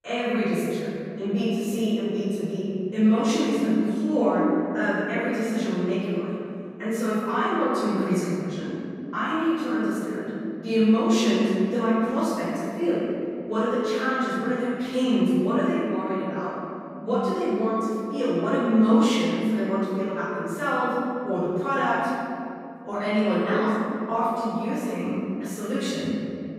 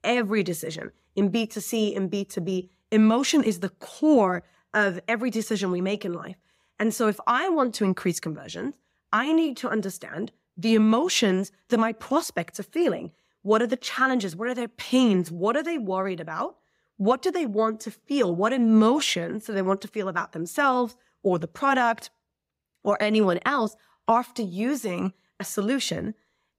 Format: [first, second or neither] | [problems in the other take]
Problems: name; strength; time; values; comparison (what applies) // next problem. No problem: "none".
second | room echo; strong; dies away in 2.7 s // off-mic speech; far